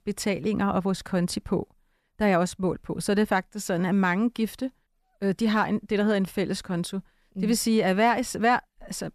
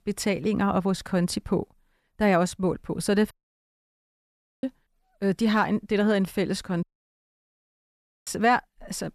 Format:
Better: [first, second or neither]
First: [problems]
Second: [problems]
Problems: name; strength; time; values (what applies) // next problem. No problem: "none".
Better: first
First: none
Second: audio cutting out; at 3.5 s for 1.5 s and at 7 s for 1.5 s